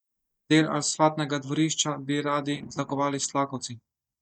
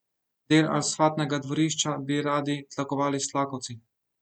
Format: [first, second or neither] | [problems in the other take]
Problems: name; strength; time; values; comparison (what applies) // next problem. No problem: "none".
second | noise reduction (neural mask model DeepFilterNet 3)